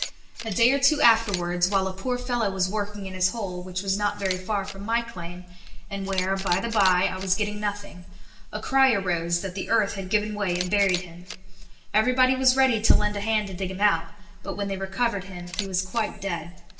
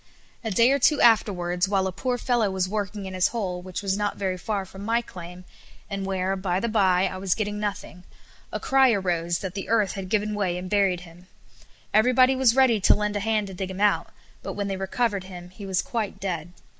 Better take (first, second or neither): second